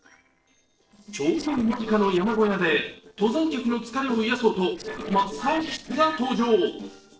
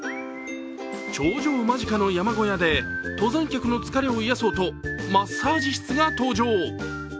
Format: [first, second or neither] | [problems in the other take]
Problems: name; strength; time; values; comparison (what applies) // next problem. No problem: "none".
second | noise reduction (neural separator model SepFormer DNS4)